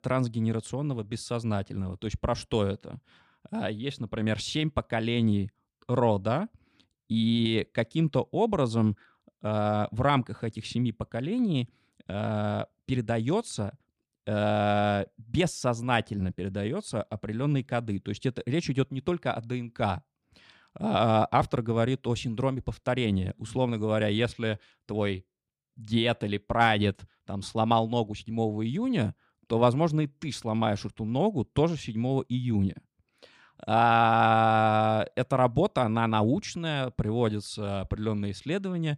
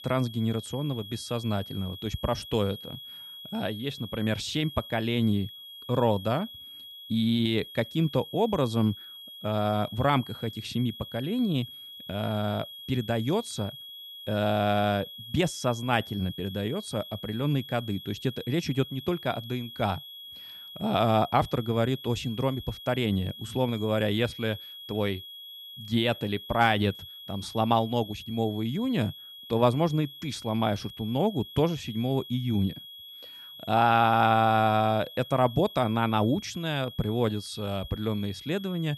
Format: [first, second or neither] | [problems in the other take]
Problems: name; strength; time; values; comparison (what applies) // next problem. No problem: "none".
first | high-pitched whine; noticeable; throughout; 3.5 kHz, 15 dB below the speech